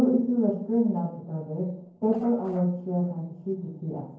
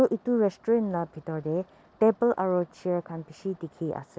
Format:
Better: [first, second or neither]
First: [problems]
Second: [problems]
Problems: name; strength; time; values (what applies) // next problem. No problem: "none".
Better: second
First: noise reduction (neural separator model SepFormer DNS4)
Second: none